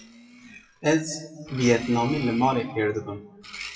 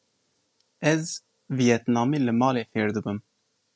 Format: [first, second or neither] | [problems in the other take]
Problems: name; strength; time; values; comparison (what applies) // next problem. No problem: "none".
second | noise reduction (classical method WPE with log-MMSE)